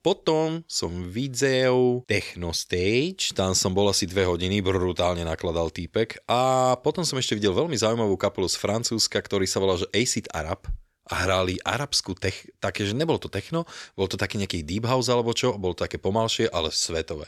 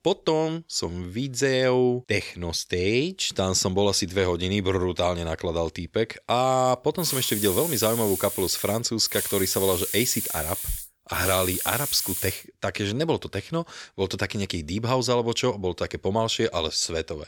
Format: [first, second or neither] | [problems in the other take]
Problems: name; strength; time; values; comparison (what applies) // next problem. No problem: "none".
first | hiss; loud; from 7 to 12 s; 3 dB below the speech